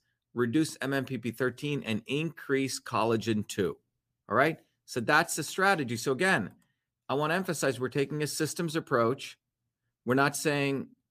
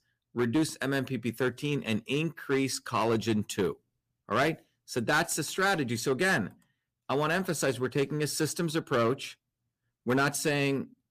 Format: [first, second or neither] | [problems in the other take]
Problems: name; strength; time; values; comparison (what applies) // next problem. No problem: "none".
first | distortion; slight; 5% of the sound clipped